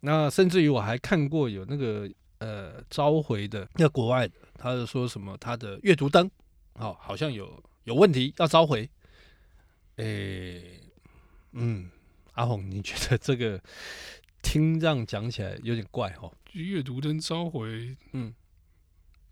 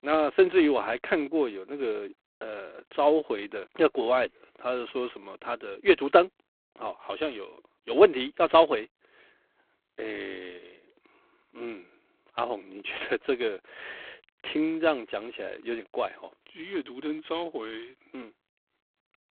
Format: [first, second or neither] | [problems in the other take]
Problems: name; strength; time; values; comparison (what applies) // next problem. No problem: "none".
first | phone-call audio; poor line